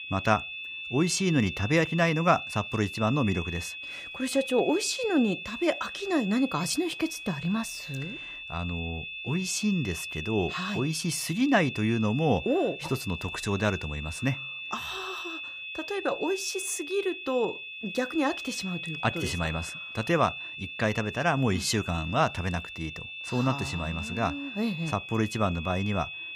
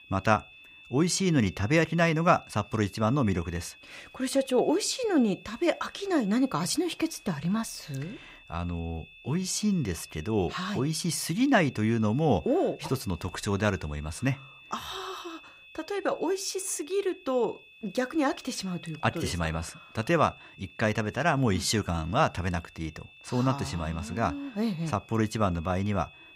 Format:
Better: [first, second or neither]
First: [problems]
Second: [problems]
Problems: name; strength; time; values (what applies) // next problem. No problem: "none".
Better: second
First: high-pitched whine; loud; throughout; 2.5 kHz, 8 dB below the speech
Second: high-pitched whine; faint; throughout; 2.5 kHz, 20 dB below the speech